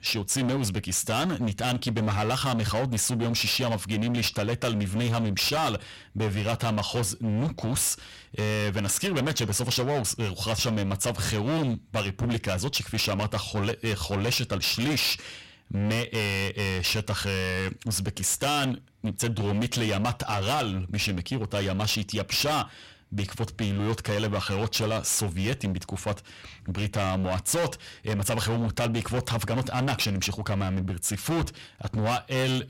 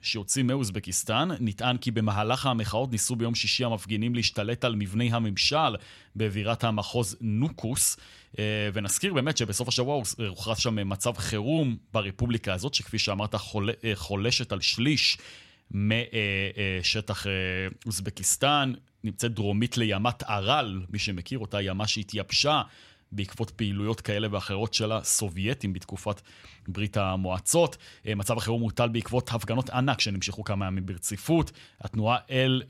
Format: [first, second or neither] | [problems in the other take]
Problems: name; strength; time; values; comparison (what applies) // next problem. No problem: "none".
second | distortion; heavy; 23% of the sound clipped